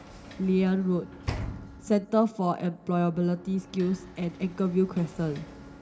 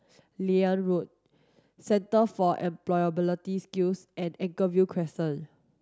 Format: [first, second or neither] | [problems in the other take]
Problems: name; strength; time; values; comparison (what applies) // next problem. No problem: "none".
second | background sound (Sliding door / Slam); 14 dB below the speech // room echo; dies away in 0.3 s